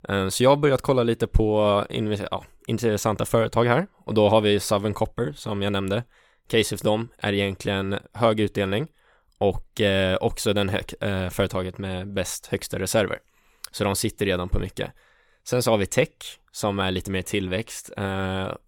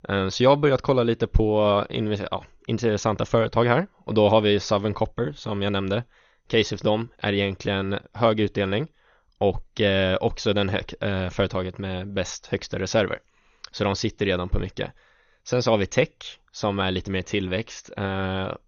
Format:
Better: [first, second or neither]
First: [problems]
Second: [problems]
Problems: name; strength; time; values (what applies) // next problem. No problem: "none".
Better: first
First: none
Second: garbled, watery; slightly; nothing above 6.5 kHz